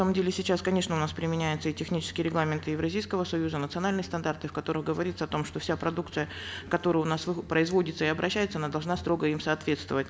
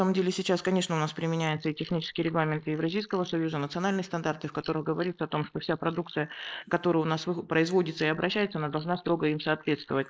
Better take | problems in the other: first | noise reduction (neural mask model Resemble Enhance denoiser)

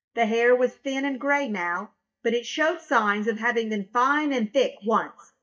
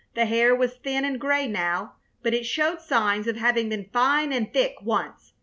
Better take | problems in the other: second | noise reduction (neural mask model DeepFilterNet 3)

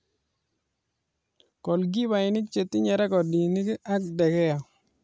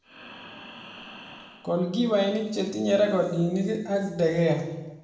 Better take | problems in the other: first | background sound (Breathing); 18 dB below the speech // room echo; dies away in 0.9 s

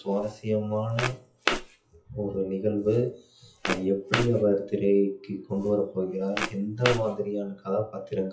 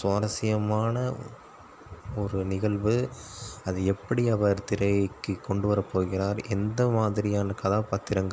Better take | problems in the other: second | noise reduction (classical method WPE with log-MMSE)

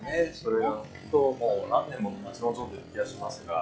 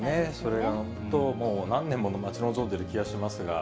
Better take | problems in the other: second | noise reduction (classical method log-MMSE)

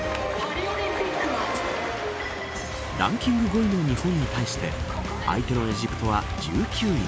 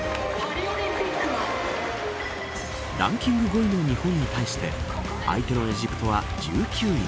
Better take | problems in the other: second | background sound (Hi-hat); 17 dB below the speech

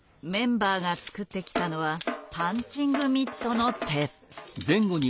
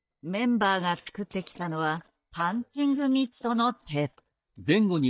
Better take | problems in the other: first | noise reduction (neural mask model DeepFilterNet 3)

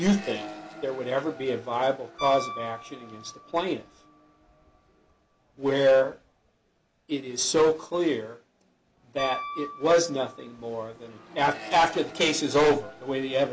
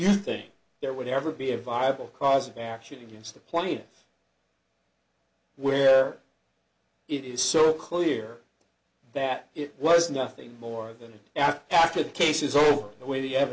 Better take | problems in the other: second | background sound (Piano + Accelerating, revving, vroom); 15 dB below the speech

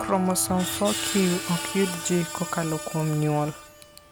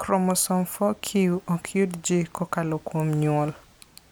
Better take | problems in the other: second | background sound (Acoustic guitar + Screech); 8 dB below the speech

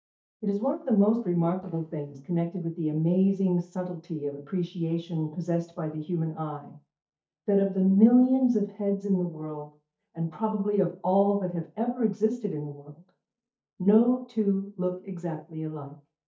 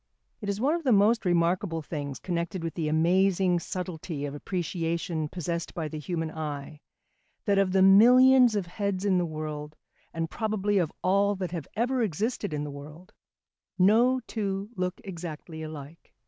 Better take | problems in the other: second | noise reduction (neural mask model DeepFilterNet 3)

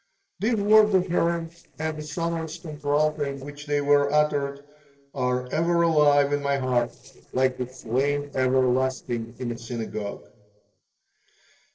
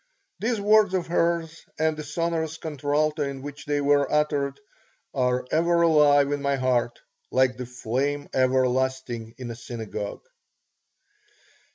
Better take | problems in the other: second | noise reduction (neural separator model SepFormer DNS4)

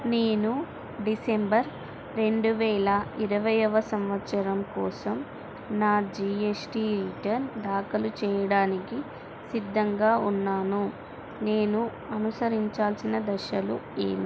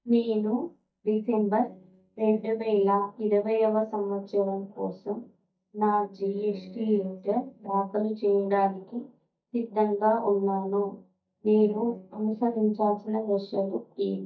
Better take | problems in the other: first | noise reduction (neural mask model DeepFilterNet 3)

